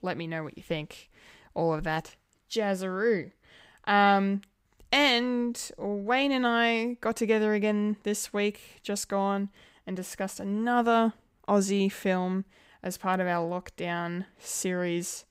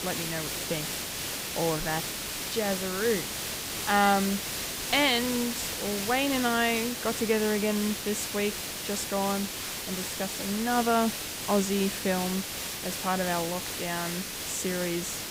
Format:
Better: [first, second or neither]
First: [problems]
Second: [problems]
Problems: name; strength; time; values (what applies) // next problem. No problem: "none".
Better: first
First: none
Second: hiss; loud; throughout; 3 dB below the speech